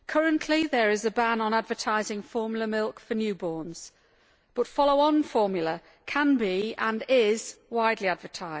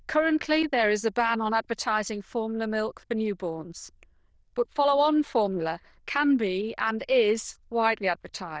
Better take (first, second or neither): first